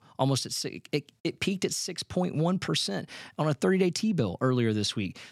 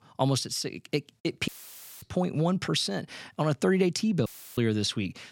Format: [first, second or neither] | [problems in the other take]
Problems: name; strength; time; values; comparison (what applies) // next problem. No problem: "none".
first | audio cutting out; filled with static; at 1.5 s for 0.5 s and at 4.5 s